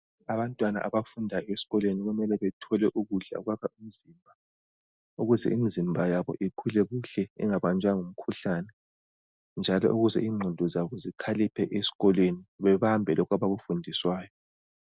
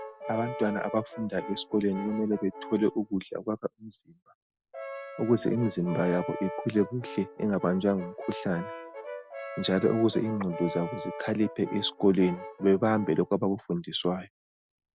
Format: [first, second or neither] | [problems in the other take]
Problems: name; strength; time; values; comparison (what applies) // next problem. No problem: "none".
first | background sound (Brass instrument); 12 dB below the speech